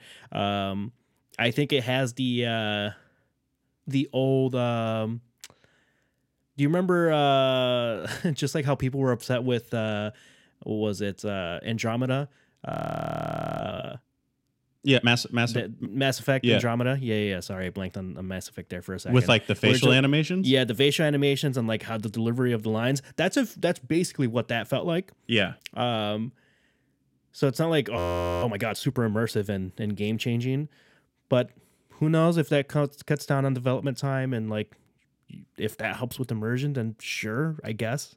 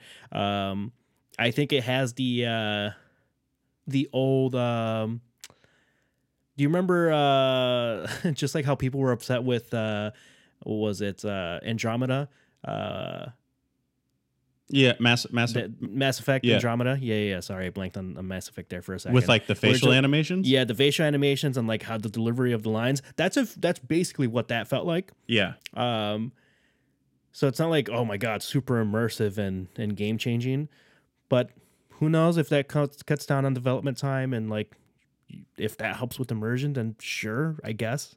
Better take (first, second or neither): second